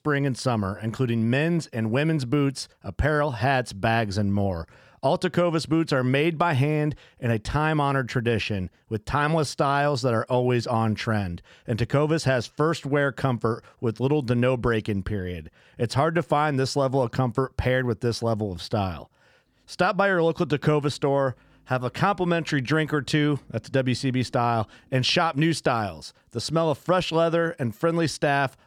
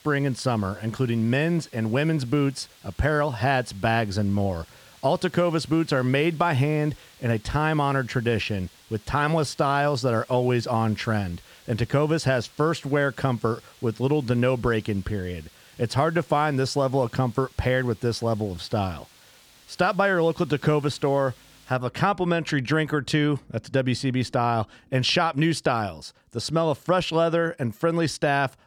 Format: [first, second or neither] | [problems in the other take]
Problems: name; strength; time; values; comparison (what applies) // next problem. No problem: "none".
first | hiss; faint; until 22 s; 25 dB below the speech